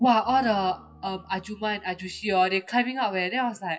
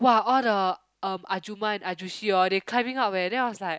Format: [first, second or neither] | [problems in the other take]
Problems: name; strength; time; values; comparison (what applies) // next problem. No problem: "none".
second | noise reduction (classical method WPE with log-MMSE)